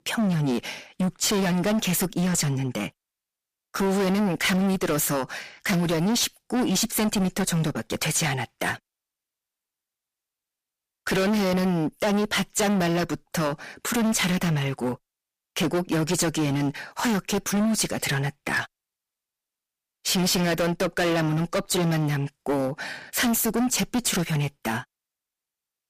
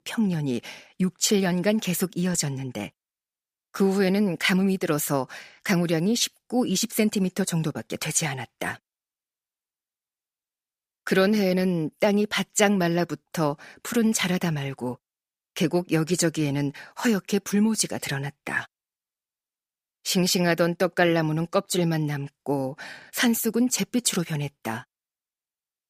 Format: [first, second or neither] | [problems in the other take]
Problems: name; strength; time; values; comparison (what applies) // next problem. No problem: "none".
second | distortion; heavy; 20% of the sound clipped